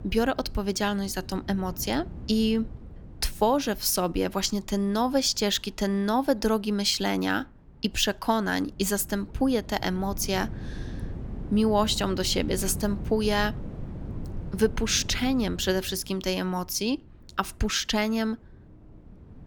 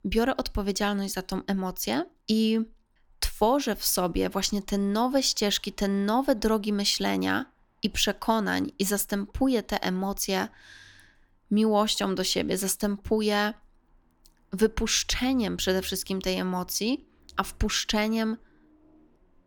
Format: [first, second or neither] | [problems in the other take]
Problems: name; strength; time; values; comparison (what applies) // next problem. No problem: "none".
second | wind noise on the microphone; occasional gusts; 20 dB below the speech